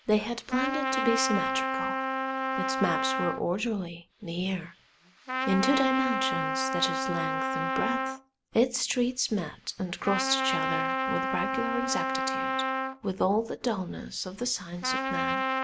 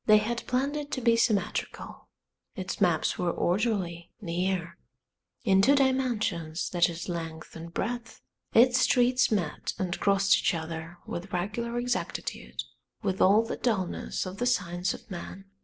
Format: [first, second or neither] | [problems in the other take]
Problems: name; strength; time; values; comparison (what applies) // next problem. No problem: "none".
second | background sound (Trumpet); as loud as the speech